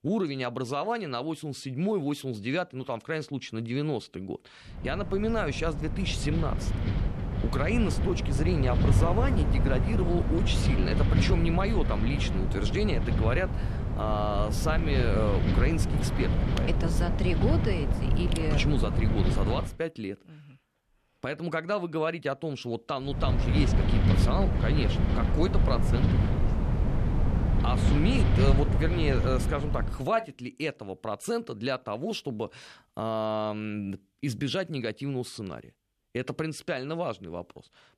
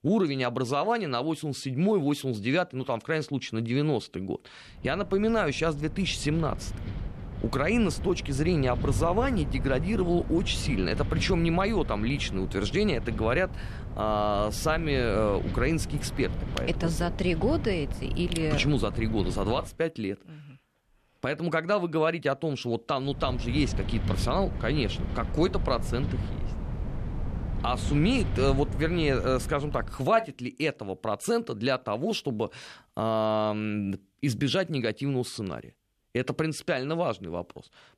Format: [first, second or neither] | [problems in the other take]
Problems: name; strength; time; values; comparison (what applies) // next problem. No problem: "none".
second | wind noise on the microphone; heavy; from 5 to 20 s and from 23 to 30 s; 4 dB below the speech; occasional gusts in the second